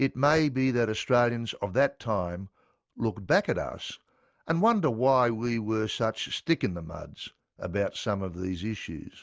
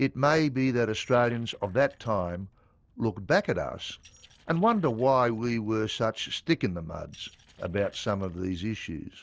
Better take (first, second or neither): first